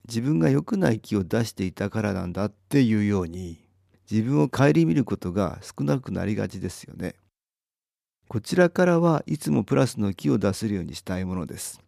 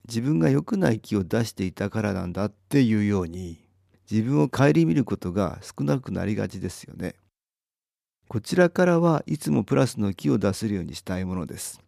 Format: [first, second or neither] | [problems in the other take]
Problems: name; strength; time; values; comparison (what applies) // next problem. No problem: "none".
neither | none